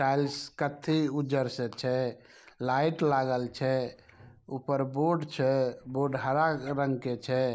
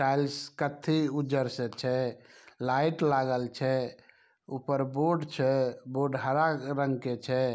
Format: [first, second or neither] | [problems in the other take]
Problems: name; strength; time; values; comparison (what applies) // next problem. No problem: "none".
second | noise reduction (neural mask model Resemble Enhance denoiser)